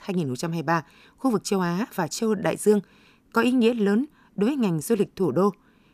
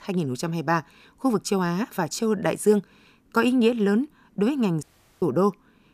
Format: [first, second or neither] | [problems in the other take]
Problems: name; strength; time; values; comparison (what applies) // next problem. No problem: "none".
first | audio cutting out; at 5 s